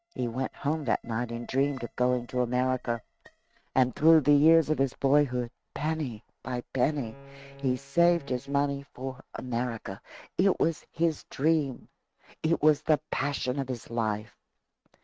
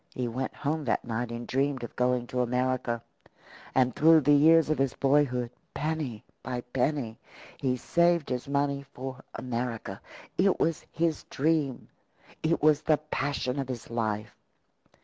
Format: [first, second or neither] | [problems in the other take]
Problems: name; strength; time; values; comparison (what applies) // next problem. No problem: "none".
second | noise reduction (neural mask model RNNoise)